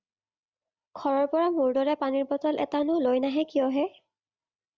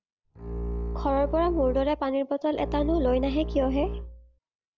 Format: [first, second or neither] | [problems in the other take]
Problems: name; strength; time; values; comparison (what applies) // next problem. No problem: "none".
first | background sound (Bowed string instrument); 5 dB below the speech